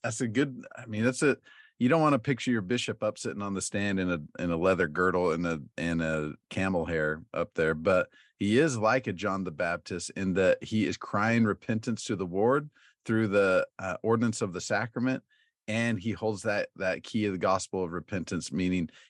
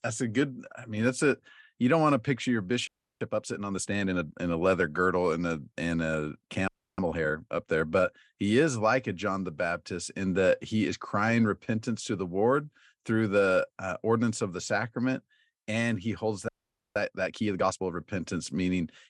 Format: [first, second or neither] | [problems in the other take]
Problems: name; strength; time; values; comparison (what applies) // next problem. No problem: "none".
first | audio freezing; at 3 s, at 6.5 s and at 16 s